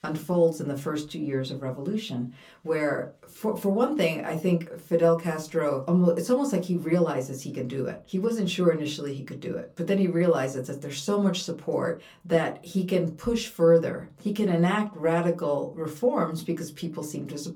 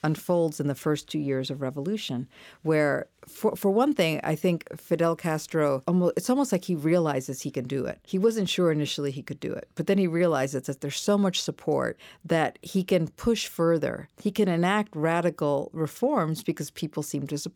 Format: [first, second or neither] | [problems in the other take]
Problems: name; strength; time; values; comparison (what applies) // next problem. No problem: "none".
second | off-mic speech; far // room echo; very slight; dies away in 0.2 s